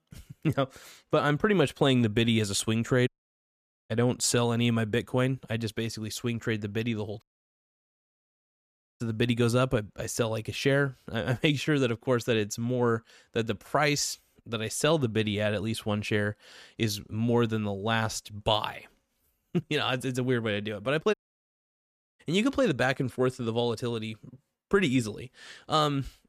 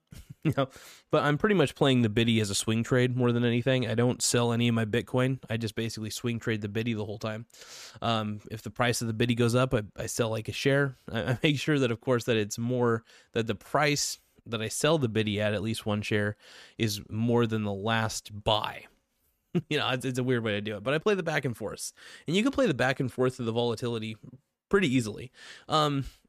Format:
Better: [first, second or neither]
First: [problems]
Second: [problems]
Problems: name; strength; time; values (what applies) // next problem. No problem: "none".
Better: second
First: audio cutting out; at 3 s for 1 s, at 7 s for 2 s and at 21 s for 1 s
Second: none